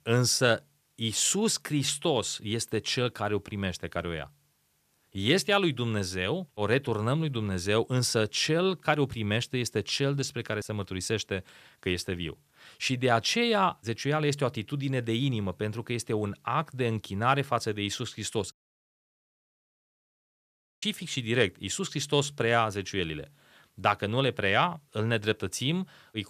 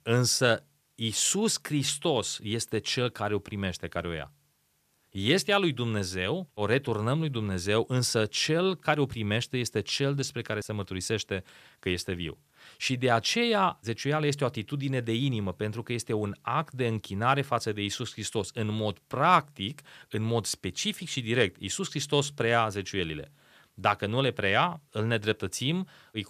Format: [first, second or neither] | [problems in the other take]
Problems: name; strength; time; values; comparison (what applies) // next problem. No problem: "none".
second | audio cutting out; at 19 s for 2.5 s